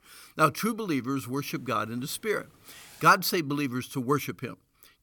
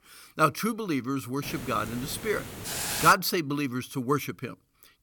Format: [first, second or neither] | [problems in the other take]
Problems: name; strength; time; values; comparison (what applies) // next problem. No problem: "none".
first | hiss; loud; from 1.5 to 3 s; 6 dB below the speech; faint in the first